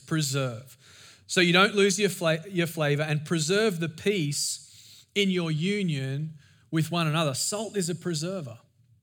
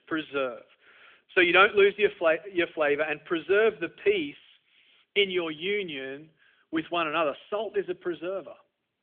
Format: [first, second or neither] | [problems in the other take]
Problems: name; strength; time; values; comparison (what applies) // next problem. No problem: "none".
first | phone-call audio; nothing above 3.5 kHz